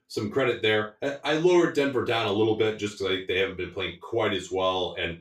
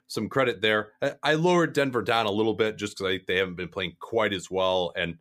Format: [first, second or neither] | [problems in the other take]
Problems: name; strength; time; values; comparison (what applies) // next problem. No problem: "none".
second | room echo; slight; dies away in 0.3 s // off-mic speech; far